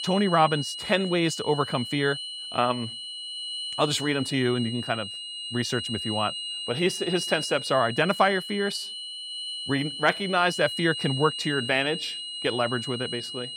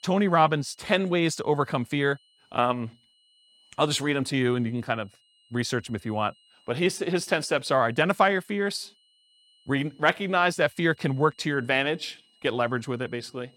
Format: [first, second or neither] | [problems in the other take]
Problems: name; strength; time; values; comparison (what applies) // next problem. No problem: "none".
second | high-pitched whine; loud; throughout; 3 kHz, 6 dB below the speech; faint in the second